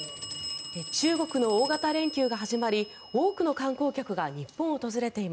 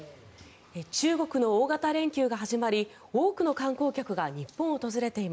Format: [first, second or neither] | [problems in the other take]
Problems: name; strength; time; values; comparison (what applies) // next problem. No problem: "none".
second | background sound (Telephone); 12 dB below the speech